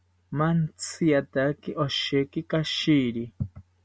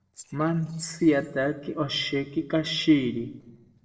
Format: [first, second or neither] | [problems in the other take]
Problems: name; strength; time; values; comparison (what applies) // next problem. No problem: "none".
first | noise reduction (neural separator model SepFormer DNS4)